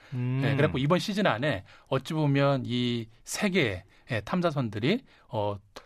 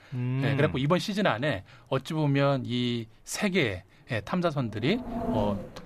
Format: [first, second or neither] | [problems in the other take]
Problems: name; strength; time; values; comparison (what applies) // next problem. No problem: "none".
first | wind noise on the microphone; heavy; 7 dB below the speech